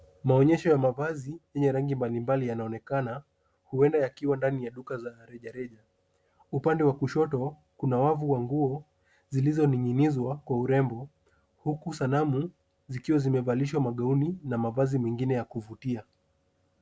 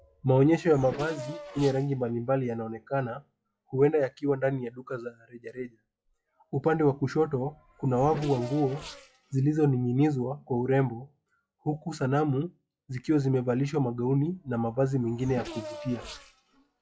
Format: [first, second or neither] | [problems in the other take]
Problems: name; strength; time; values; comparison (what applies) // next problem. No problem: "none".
first | noise reduction (classical method log-MMSE)